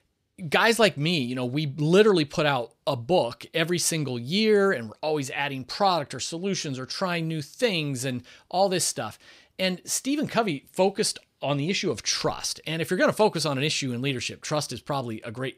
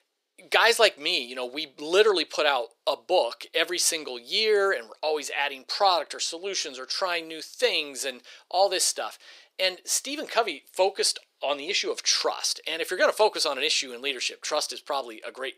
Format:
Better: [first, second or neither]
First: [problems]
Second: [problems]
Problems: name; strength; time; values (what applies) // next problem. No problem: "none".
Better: first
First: none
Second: thin; very; fading below 400 Hz